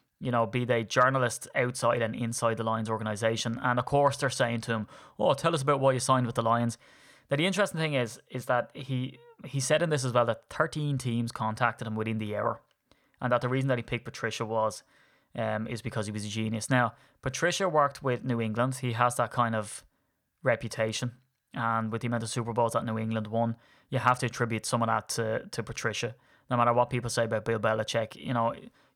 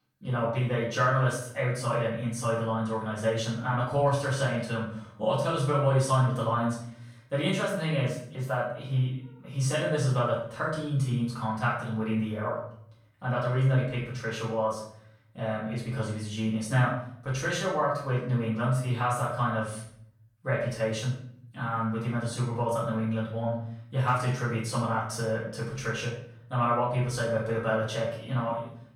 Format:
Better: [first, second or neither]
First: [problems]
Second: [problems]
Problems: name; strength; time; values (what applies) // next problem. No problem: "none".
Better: first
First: none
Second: off-mic speech; far // room echo; noticeable; dies away in 0.6 s